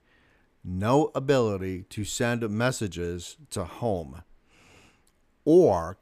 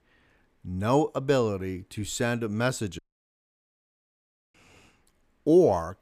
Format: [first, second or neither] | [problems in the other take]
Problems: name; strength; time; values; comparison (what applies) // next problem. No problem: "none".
first | audio cutting out; at 3 s for 1.5 s